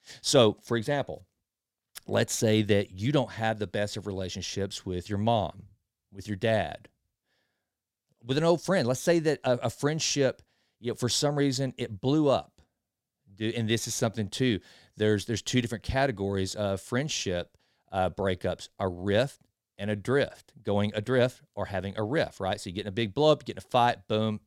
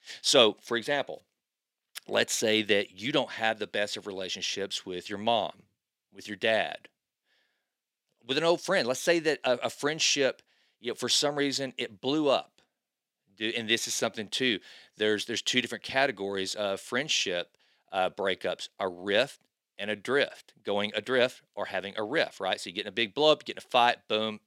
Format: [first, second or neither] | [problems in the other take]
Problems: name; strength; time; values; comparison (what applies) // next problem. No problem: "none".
first | thin; somewhat; fading below 300 Hz